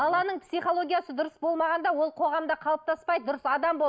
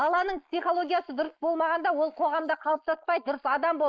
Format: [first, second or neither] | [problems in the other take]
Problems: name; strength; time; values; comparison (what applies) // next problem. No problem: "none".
first | noise reduction (neural mask model Resemble Enhance denoiser)